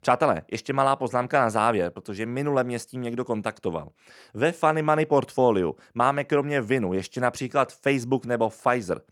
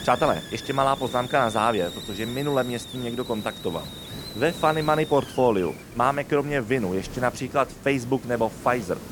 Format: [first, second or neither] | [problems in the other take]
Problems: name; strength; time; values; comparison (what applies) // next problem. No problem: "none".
first | hiss; noticeable; throughout; 10 dB below the speech